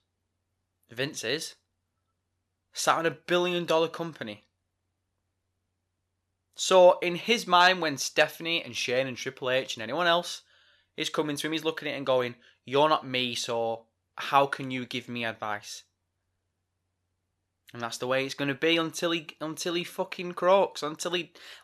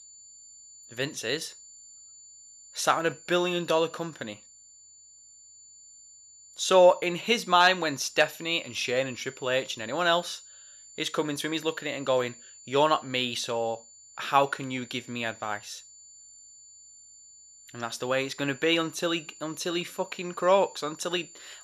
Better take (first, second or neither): first